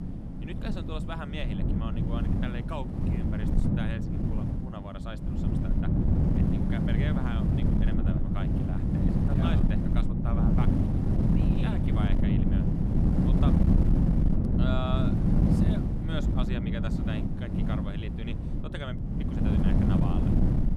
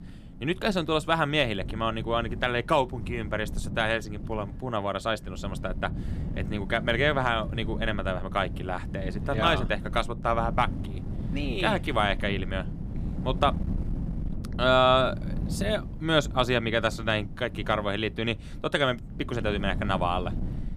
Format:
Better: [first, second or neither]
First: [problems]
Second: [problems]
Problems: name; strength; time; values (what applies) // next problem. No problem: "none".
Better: second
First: wind noise on the microphone; heavy; 4 dB above the speech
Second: wind noise on the microphone; occasional gusts; 20 dB below the speech